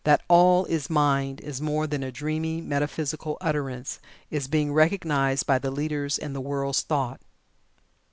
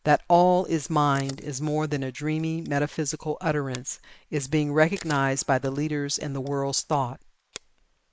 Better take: first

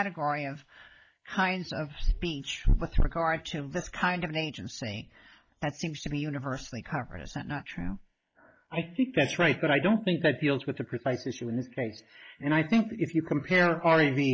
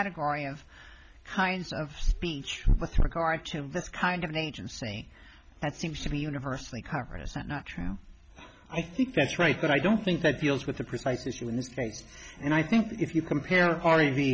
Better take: second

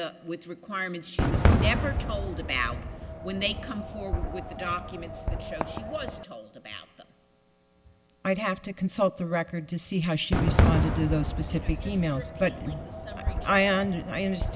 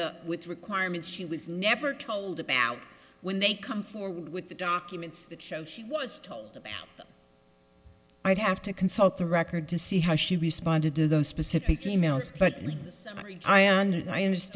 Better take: second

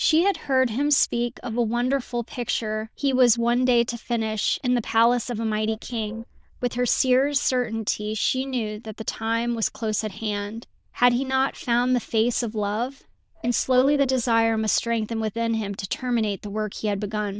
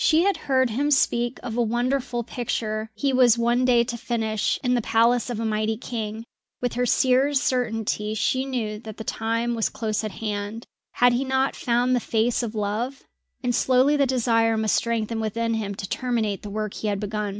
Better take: second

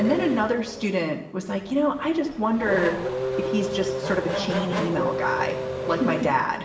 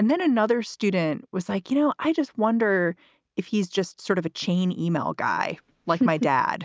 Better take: second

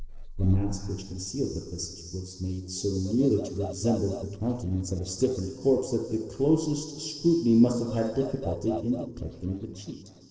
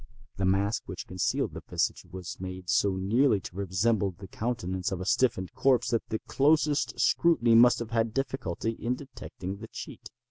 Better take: second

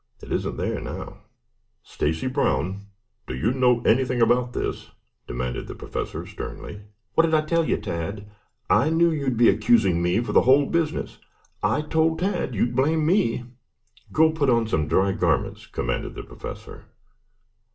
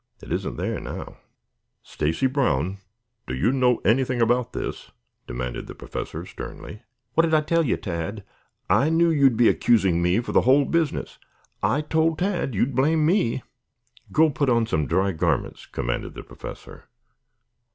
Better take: second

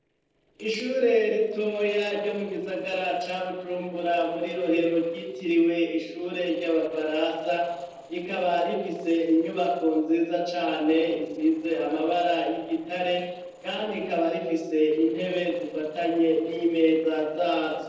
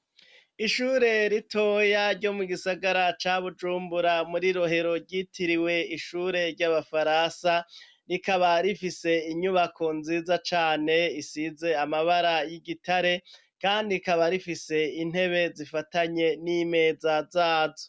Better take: second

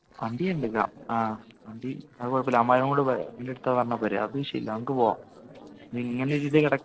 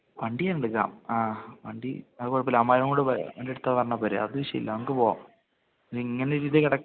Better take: second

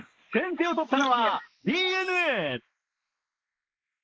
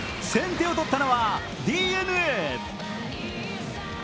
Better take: second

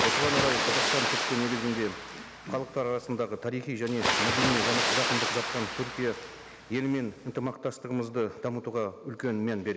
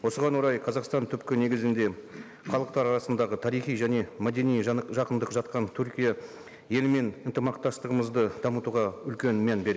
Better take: second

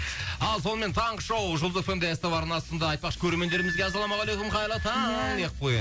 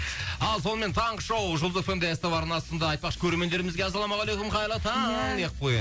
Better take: second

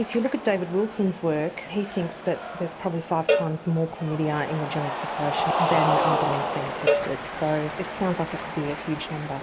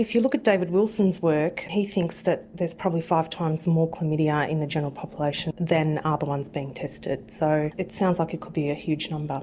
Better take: second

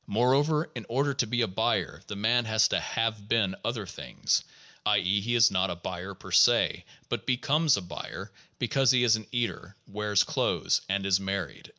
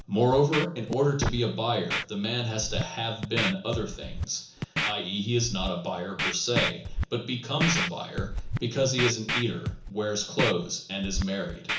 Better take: first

